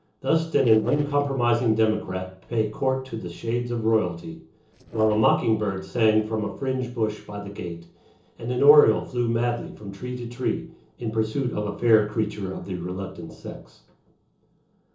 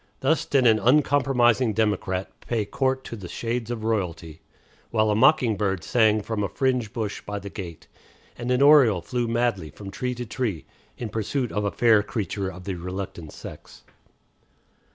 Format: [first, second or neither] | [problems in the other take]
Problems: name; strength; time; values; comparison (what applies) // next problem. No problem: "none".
second | noise reduction (neural separator model SepFormer DNS4)